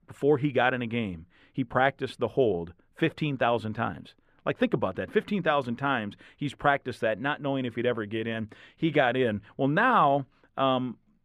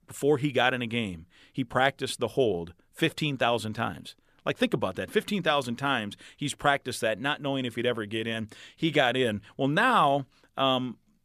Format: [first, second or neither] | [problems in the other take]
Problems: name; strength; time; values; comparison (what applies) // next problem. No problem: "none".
second | muffled; slightly; fading above 3.5 kHz